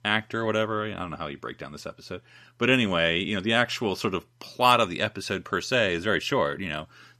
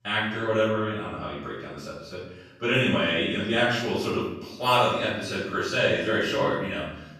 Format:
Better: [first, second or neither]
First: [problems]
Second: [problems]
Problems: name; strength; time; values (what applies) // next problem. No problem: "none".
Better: first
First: none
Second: off-mic speech; far // room echo; strong; dies away in 0.8 s